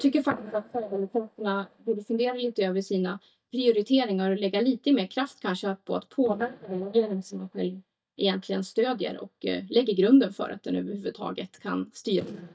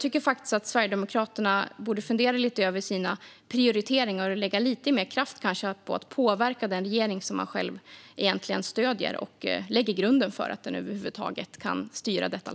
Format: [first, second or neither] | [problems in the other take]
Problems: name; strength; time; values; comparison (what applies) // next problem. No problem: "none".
second | noise reduction (neural mask model DeepFilterNet 3)